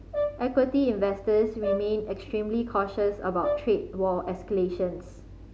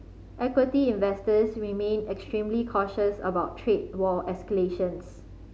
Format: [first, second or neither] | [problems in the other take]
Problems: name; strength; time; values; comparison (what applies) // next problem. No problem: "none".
second | background sound (Brass instrument); 8 dB below the speech